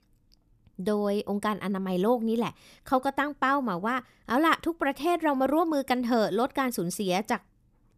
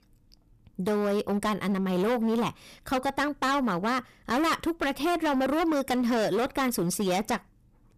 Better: first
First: none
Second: distortion; heavy; 19% of the sound clipped

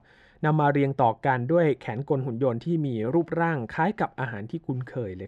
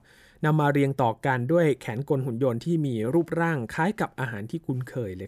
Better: second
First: muffled; slightly; fading above 3.5 kHz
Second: none

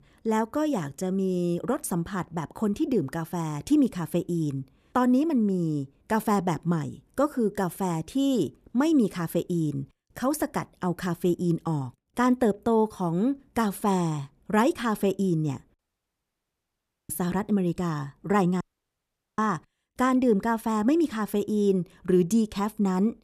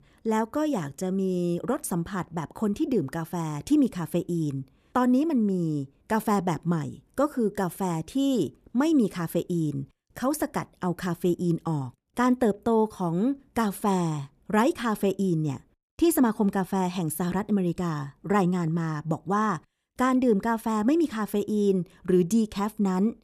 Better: second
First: audio cutting out; at 16 s for 1.5 s and at 19 s for 1 s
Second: none

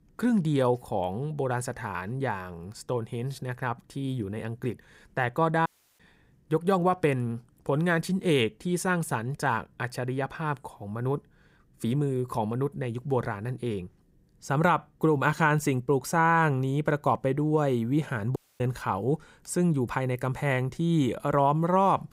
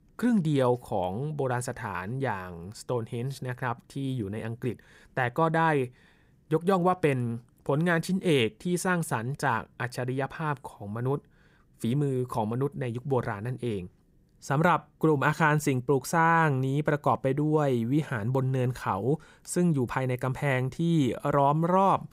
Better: second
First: audio cutting out; at 5.5 s and at 18 s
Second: none

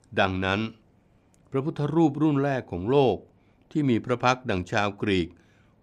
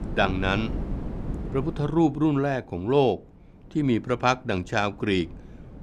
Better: first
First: none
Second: wind noise on the microphone; occasional gusts; 15 dB below the speech

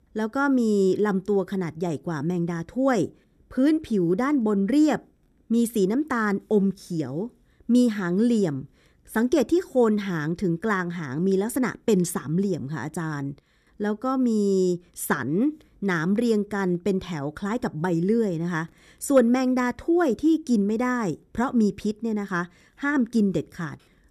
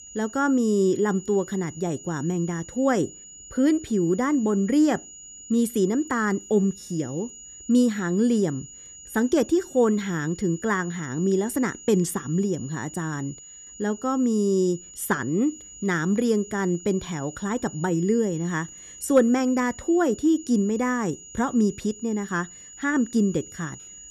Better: first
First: none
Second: high-pitched whine; noticeable; throughout; 7 kHz, 15 dB below the speech

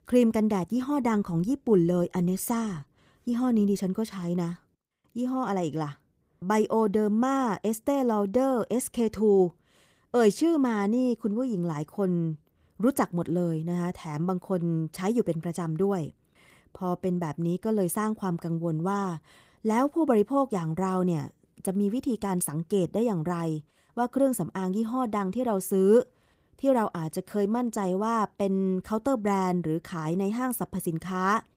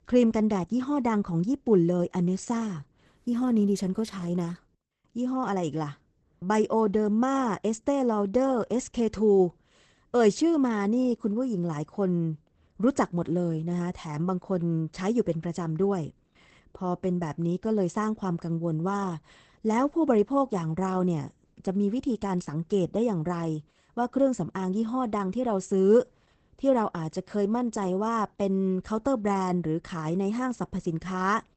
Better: first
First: garbled, watery; slightly; nothing above 15.5 kHz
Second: garbled, watery; badly; nothing above 12 kHz

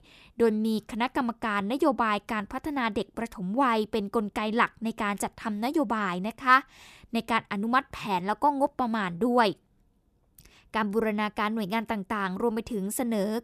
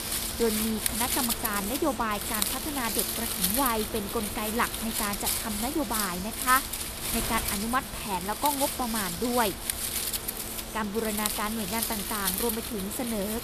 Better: first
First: none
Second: wind noise on the microphone; heavy; 2 dB below the speech

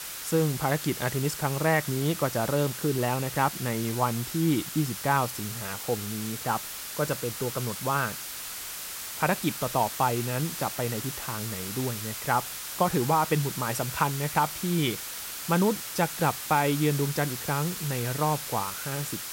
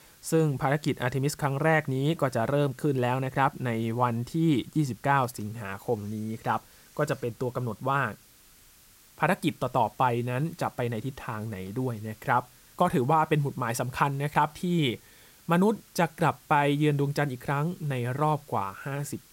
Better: second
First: hiss; loud; throughout; 6 dB below the speech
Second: hiss; faint; throughout; 25 dB below the speech

